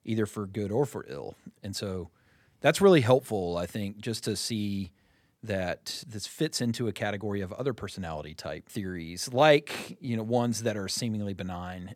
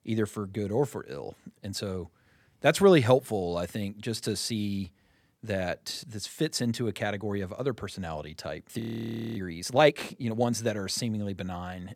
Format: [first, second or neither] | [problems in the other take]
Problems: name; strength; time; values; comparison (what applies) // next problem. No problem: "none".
first | audio freezing; at 9 s for 0.5 s